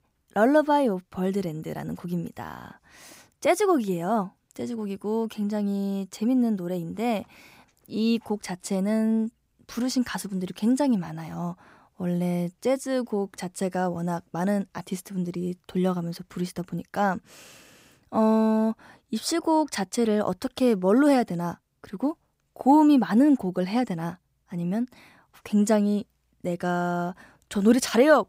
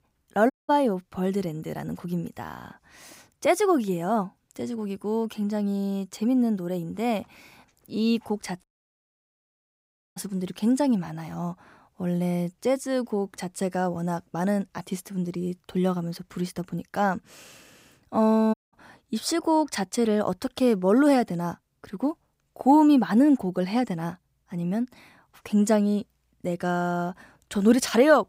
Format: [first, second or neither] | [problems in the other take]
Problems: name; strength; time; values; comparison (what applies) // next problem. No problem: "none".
first | audio cutting out; at 0.5 s, at 8.5 s for 1.5 s and at 19 s